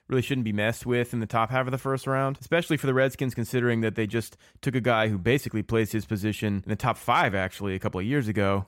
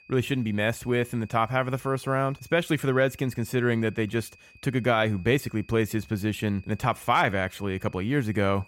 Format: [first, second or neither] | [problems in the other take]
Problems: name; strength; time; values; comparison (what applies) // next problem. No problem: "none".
first | high-pitched whine; faint; throughout; 2.5 kHz, 25 dB below the speech